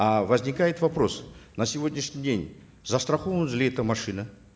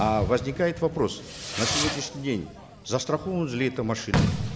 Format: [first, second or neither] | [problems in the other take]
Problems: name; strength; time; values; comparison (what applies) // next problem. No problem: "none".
first | background sound (Fireworks); 3 dB below the speech